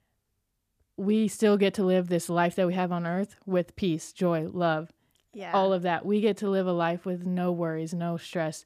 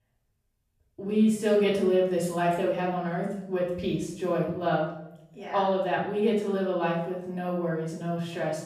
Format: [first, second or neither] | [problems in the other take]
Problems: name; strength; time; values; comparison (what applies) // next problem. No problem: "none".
first | off-mic speech; far // room echo; noticeable; dies away in 0.6 s